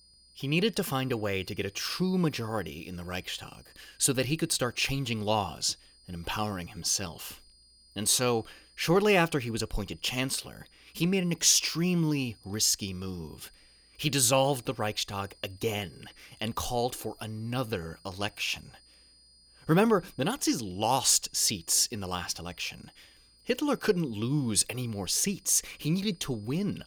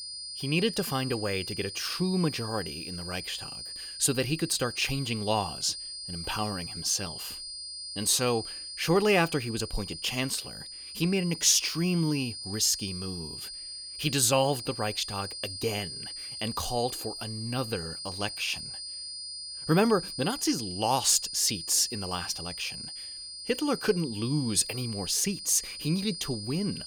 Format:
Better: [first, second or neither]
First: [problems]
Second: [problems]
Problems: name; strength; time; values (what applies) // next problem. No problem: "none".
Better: first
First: high-pitched whine; faint; throughout; 5 kHz, 30 dB below the speech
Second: high-pitched whine; loud; throughout; 5 kHz, 8 dB below the speech